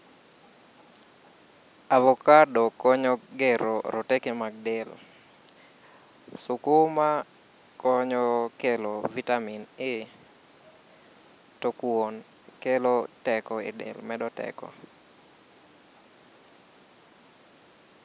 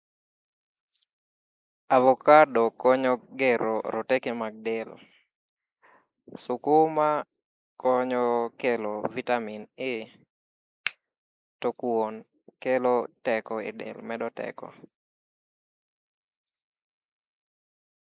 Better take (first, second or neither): first